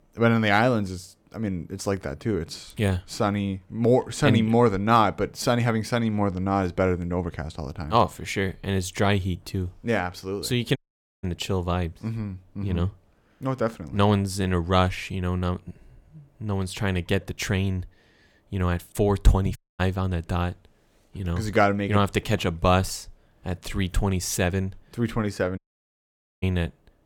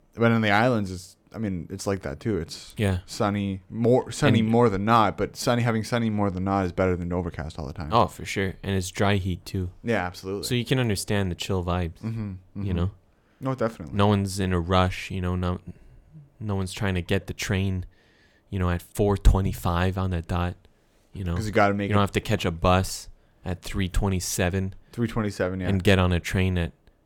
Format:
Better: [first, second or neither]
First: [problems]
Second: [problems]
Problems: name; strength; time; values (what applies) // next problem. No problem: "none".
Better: second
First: audio cutting out; at 11 s, at 20 s and at 26 s for 1 s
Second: none